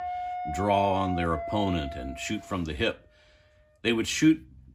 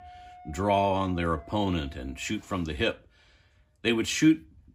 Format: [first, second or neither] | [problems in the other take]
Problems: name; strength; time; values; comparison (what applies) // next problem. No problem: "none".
second | background music; loud; throughout; 8 dB below the speech; faint in the second